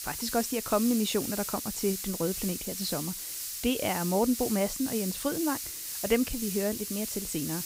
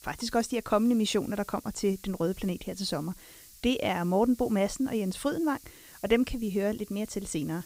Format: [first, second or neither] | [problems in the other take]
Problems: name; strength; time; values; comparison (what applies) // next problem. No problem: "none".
second | hiss; loud; throughout; 4 dB below the speech; faint in the second